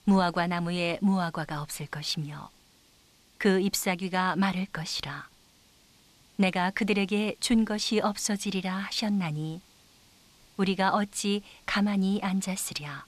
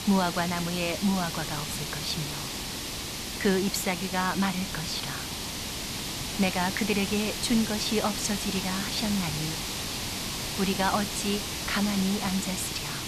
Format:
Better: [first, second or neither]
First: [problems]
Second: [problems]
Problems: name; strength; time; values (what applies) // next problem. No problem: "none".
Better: first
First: hiss; faint; throughout; 30 dB below the speech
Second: hiss; loud; throughout; 3 dB below the speech